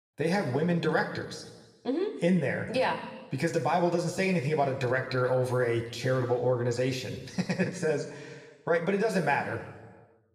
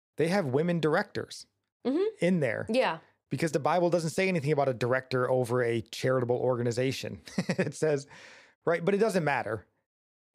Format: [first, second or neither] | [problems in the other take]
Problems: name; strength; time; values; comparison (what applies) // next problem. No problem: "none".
second | room echo; noticeable; dies away in 1.2 s // off-mic speech; somewhat distant